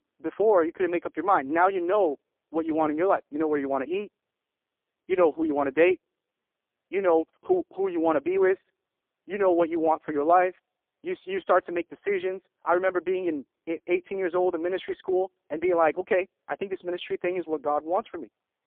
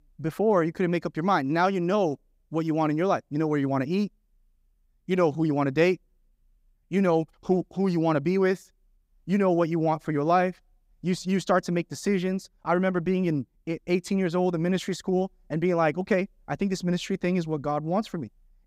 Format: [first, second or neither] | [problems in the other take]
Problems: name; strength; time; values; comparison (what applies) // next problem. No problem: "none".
second | phone-call audio; poor line